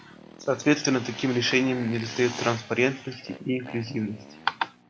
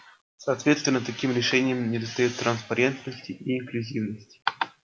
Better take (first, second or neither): second